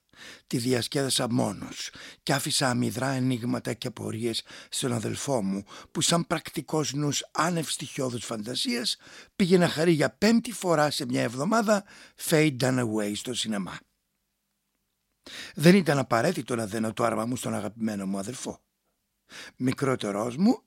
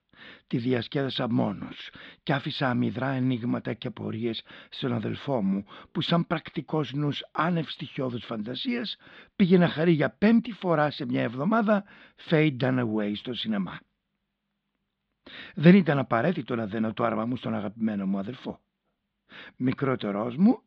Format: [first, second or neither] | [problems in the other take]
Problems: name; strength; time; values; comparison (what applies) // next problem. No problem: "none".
first | muffled; very; fading above 3.5 kHz